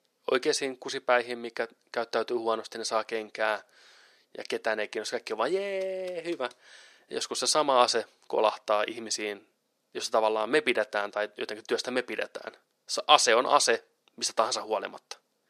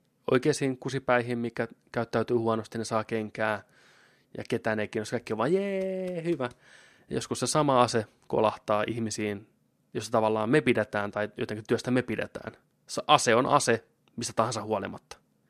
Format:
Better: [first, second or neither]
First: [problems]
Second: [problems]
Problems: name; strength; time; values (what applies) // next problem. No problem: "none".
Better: second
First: thin; somewhat; fading below 500 Hz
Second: none